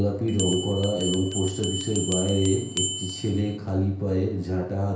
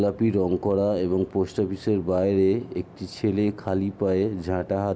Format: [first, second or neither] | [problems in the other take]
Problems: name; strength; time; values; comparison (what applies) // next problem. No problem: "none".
second | background sound (Bell); 6 dB below the speech // room echo; dies away in 0.5 s